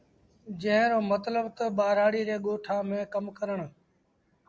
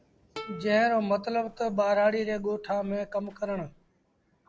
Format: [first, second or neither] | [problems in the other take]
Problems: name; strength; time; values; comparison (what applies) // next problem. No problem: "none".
first | background sound (Walk, footsteps + Plucked string instrument); 19 dB below the speech